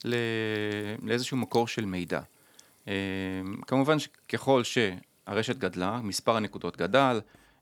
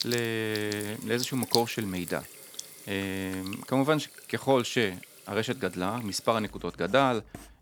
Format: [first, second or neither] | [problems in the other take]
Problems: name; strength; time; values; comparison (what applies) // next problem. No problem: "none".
first | household noises; loud; throughout; 10 dB below the speech; faint in the first